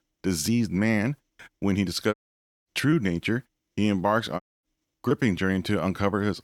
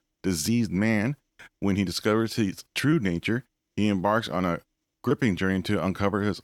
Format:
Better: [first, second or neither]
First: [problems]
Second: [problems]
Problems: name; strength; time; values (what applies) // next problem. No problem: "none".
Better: second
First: audio cutting out; at 2 s for 0.5 s and at 4.5 s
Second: none